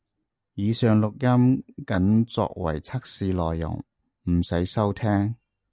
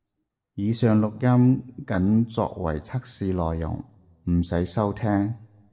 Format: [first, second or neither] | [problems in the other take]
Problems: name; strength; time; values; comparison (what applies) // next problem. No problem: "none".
first | room echo; dies away in 0.6 s